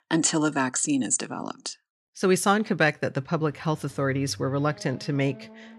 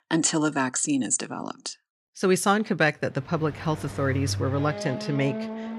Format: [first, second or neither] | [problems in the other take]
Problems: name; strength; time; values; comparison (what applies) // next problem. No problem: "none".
first | traffic noise; loud; from 3.5 s on; 8 dB below the speech; faint in the first